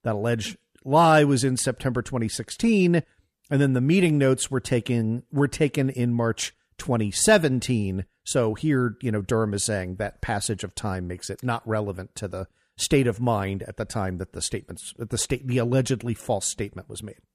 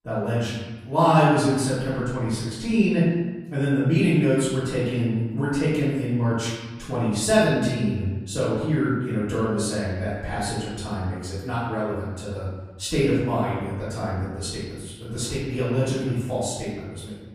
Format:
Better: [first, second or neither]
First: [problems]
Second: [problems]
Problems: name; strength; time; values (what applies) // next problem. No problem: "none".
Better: first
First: none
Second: room echo; strong; dies away in 1.2 s // off-mic speech; far